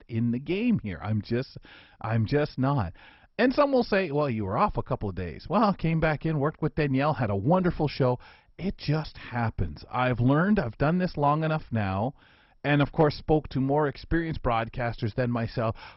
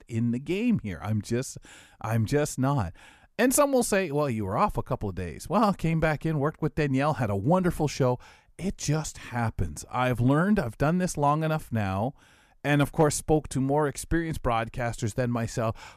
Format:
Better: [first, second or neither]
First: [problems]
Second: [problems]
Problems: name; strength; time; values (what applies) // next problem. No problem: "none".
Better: second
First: garbled, watery; badly; nothing above 5.5 kHz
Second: none